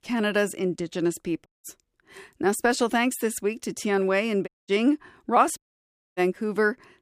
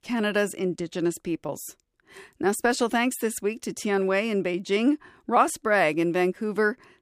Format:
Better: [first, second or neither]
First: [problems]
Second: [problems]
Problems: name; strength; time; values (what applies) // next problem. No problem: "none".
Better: second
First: audio cutting out; at 1.5 s, at 4.5 s and at 5.5 s for 0.5 s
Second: none